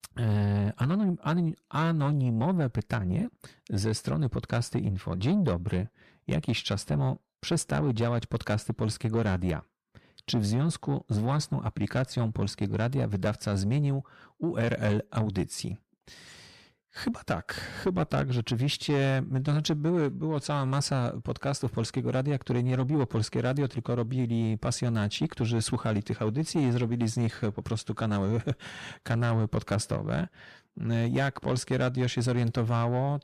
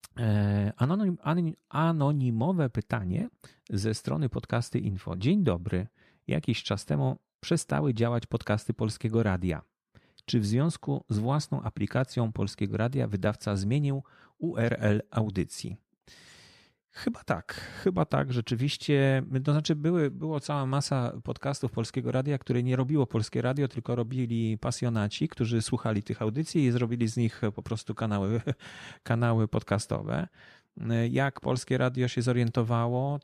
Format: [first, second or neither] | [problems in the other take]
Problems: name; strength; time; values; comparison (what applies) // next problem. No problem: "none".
second | distortion; slight; 10 dB below the speech